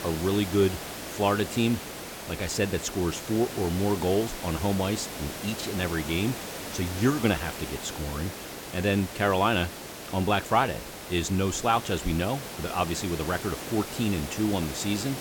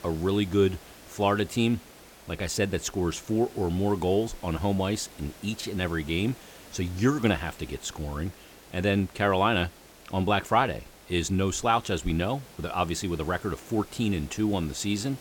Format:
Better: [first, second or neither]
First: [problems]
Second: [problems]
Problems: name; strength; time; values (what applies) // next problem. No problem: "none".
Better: second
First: hiss; loud; throughout; 9 dB below the speech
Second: hiss; faint; throughout; 20 dB below the speech